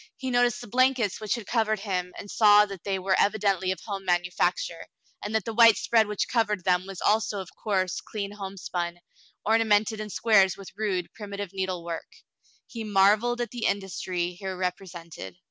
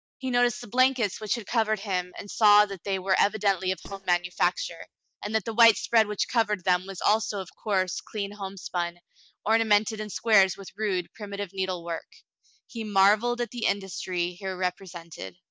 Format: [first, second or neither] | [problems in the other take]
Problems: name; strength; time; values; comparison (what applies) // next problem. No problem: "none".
first | noise reduction (neural mask model DeepFilterNet 3)